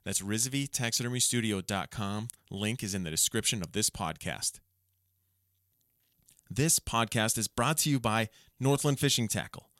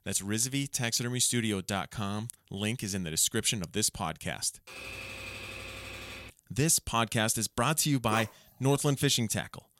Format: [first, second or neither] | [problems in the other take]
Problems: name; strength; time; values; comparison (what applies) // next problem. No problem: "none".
first | keyboard typing; faint; from 4.5 to 6.5 s; peak 10 dB below the speech // dog barking; noticeable; at 8 s; peak 9 dB below the speech